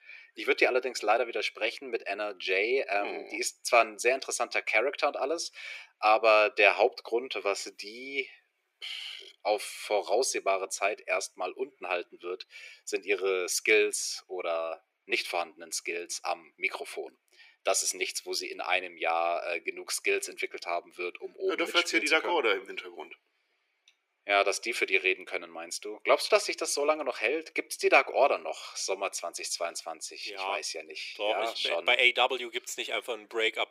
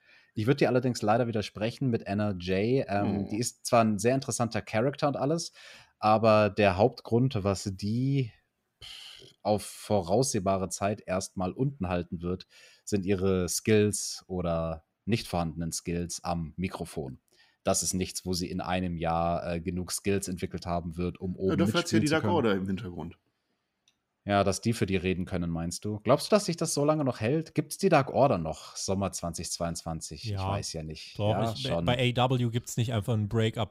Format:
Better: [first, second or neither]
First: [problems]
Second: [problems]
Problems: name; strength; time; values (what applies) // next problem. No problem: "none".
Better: second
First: thin; very; fading below 350 Hz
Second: none